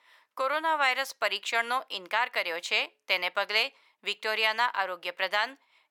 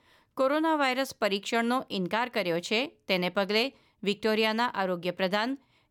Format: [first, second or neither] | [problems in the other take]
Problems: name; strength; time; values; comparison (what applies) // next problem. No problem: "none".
second | thin; very; fading below 850 Hz